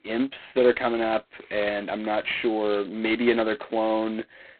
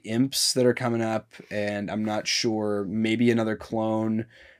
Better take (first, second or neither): second